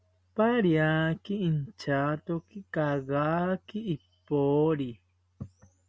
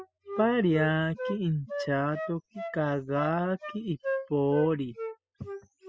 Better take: first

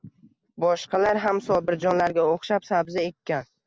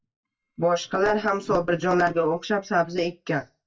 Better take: first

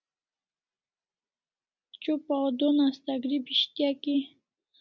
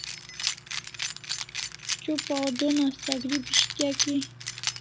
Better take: first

